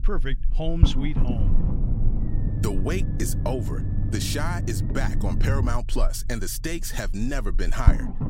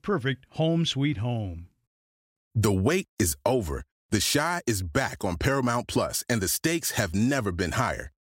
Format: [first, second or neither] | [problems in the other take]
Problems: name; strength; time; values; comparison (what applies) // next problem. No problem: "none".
second | low rumble; loud; throughout; 6 dB below the speech